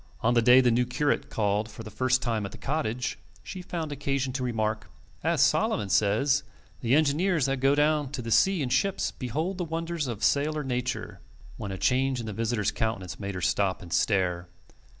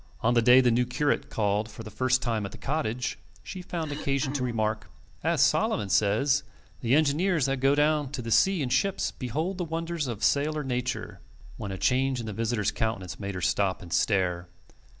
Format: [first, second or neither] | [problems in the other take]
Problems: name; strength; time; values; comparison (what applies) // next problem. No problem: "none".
first | background sound (Cough); 12 dB below the speech